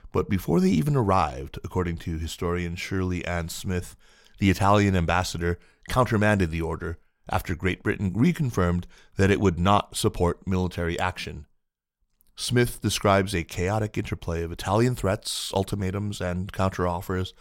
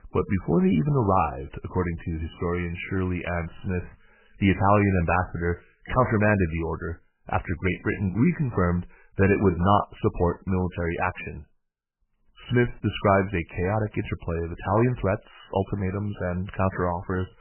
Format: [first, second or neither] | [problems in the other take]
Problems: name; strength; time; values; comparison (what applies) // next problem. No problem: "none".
first | garbled, watery; badly; nothing above 3 kHz